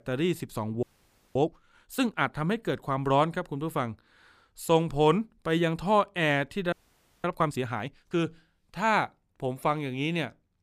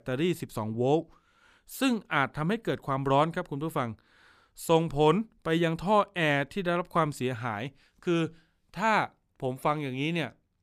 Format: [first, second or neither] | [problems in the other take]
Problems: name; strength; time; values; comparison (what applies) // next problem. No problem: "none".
second | audio freezing; at 1 s for 0.5 s and at 6.5 s for 0.5 s